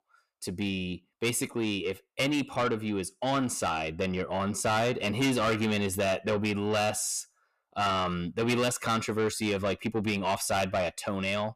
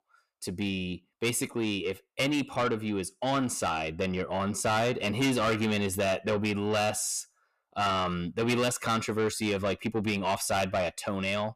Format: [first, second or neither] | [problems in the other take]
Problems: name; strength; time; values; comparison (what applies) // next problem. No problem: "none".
neither | distortion; heavy; 7 dB below the speech; the same in both